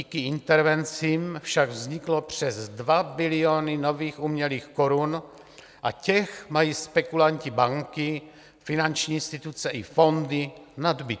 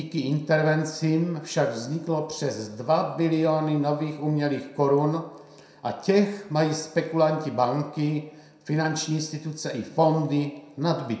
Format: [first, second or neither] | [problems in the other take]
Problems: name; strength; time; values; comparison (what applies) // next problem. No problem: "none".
first | room echo; dies away in 0.6 s